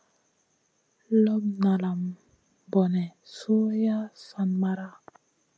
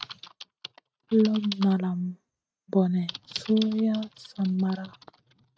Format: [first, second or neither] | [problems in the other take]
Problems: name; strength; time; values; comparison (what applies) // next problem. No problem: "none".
first | noise reduction (neural mask model RNNoise)